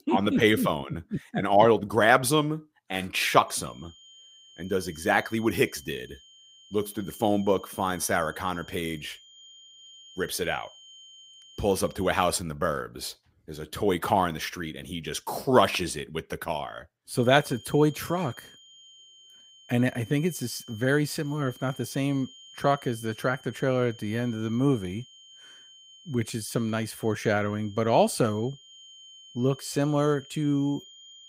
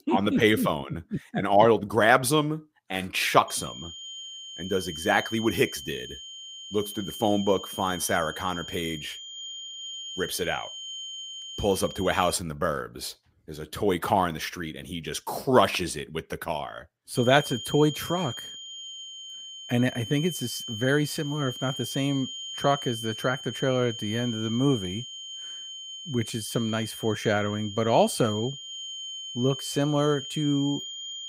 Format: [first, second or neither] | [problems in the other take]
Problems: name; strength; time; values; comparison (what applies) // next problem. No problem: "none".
first | high-pitched whine; loud; from 3.5 to 12 s and from 17 s on; 3 kHz, 10 dB below the speech; faint in the first